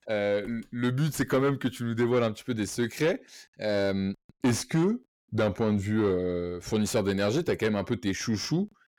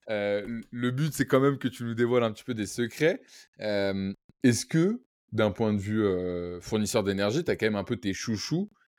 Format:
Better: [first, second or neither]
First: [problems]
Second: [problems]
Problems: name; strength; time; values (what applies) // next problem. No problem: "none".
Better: second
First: distortion; slight; 10 dB below the speech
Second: none